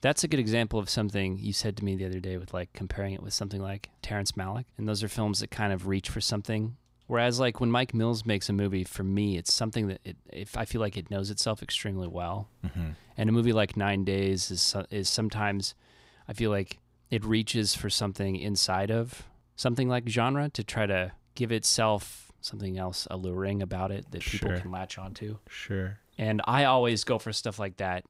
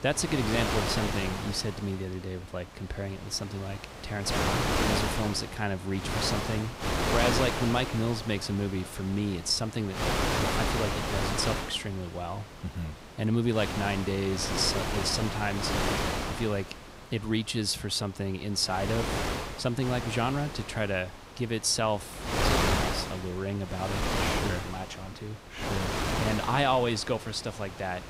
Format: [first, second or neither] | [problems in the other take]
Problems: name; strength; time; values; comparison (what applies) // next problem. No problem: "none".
first | wind noise on the microphone; heavy; 1 dB above the speech